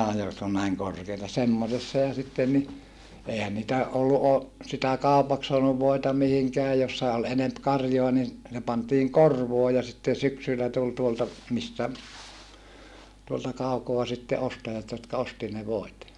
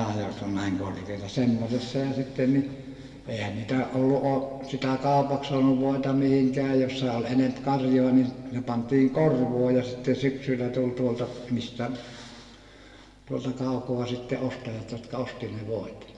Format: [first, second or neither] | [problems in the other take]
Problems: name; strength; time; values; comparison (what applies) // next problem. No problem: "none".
first | room echo; dies away in 1.8 s